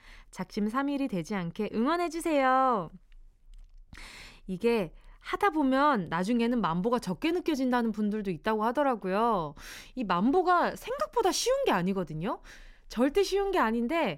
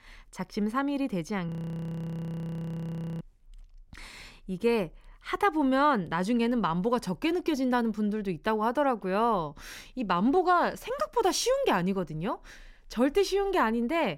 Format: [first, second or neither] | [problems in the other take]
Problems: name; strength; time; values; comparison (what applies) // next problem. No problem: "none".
first | audio freezing; at 1.5 s for 1.5 s